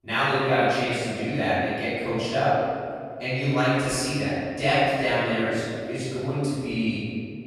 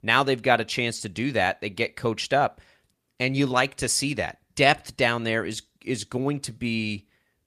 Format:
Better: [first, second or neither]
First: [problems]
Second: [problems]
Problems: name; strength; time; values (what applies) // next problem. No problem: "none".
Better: second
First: off-mic speech; far // room echo; strong; dies away in 2.4 s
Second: none